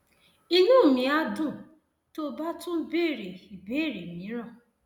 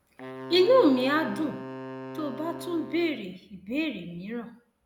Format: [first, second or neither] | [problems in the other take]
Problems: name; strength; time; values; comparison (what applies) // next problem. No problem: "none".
first | background sound (Wind instrument, woodwind instrument); 13 dB below the speech